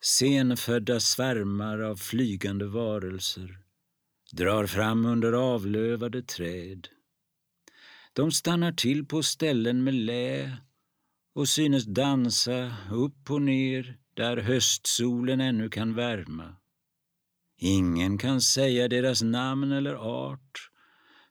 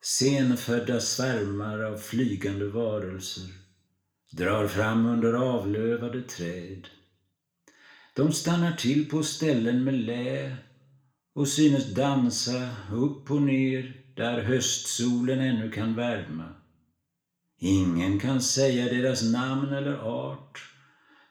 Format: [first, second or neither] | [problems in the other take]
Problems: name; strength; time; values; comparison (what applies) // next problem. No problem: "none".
first | room echo; slight; dies away in 0.5 s // off-mic speech; somewhat distant